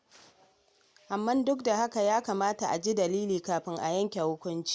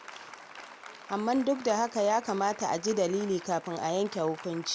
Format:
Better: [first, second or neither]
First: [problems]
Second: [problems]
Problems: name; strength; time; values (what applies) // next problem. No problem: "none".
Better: first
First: none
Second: background sound (Applause); 17 dB below the speech